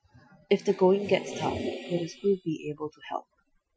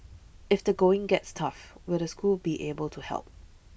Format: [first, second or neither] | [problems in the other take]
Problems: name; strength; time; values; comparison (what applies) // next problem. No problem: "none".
second | noise reduction (classical method Wiener filter)